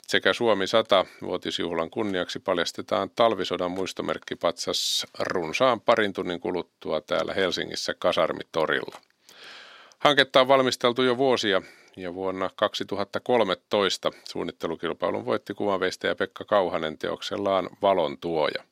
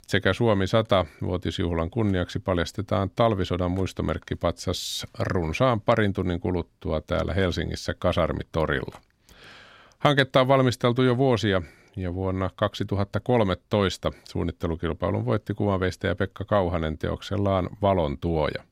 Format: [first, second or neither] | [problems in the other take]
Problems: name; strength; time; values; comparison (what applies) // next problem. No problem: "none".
second | thin; somewhat; fading below 300 Hz